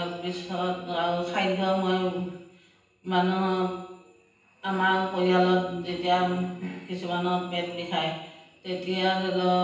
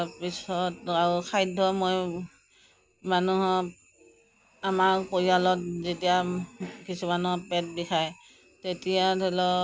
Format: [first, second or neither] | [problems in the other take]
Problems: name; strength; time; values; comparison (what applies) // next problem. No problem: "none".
second | room echo; dies away in 0.9 s